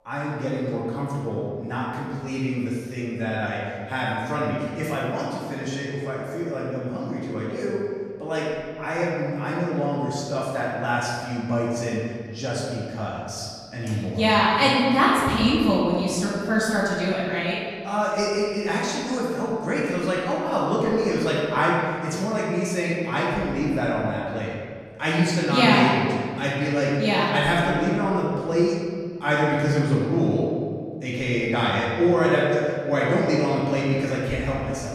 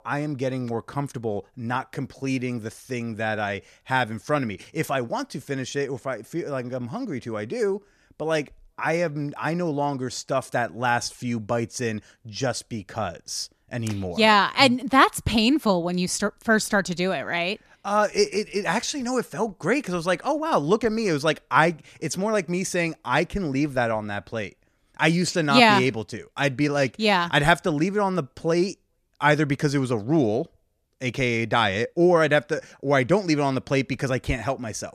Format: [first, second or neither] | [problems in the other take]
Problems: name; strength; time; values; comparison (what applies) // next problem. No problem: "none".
second | room echo; strong; dies away in 1.8 s // off-mic speech; far